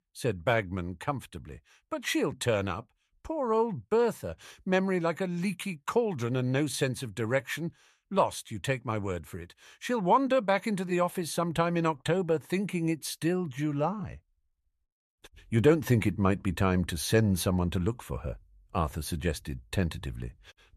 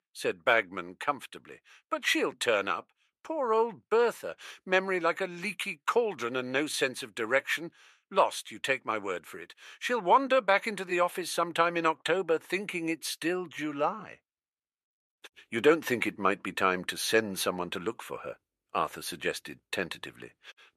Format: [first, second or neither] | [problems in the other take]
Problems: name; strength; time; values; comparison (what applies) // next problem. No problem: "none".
first | thin; somewhat; fading below 400 Hz